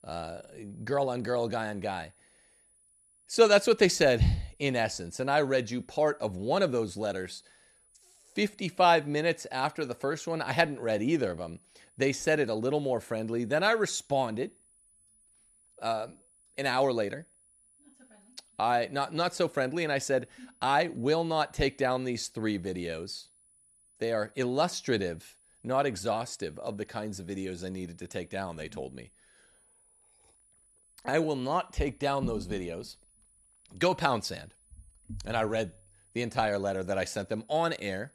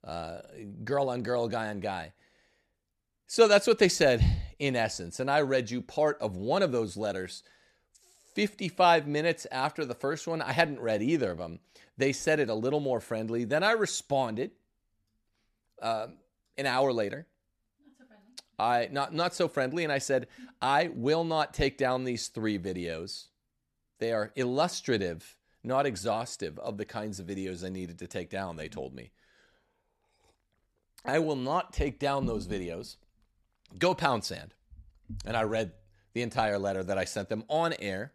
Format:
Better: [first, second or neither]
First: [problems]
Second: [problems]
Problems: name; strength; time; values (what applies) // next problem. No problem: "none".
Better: second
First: high-pitched whine; faint; throughout; 10 kHz, 30 dB below the speech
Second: none